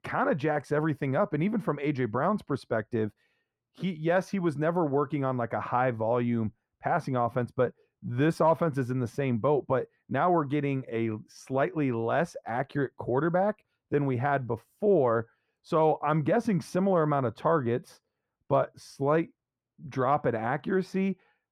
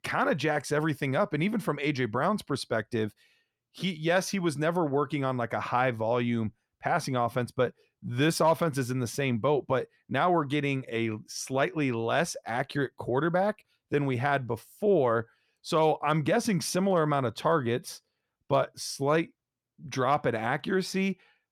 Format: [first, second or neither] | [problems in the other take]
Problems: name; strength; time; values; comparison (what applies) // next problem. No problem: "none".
second | muffled; slightly; fading above 2.5 kHz